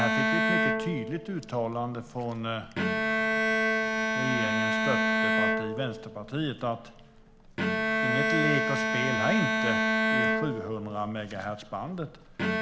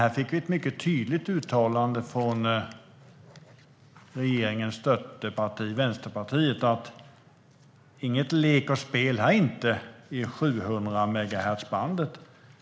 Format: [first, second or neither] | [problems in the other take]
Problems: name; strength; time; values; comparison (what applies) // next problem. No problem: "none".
second | background sound (Bowed string instrument); 5 dB above the speech